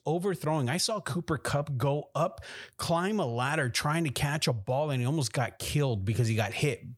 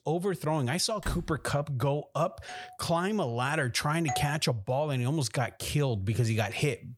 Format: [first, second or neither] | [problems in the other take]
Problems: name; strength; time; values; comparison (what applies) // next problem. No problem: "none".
first | door banging; noticeable; at 1 s; peak 10 dB below the speech // doorbell; faint; at 2.5 s; peak 15 dB below the speech // doorbell; noticeable; at 4 s; peak 6 dB below the speech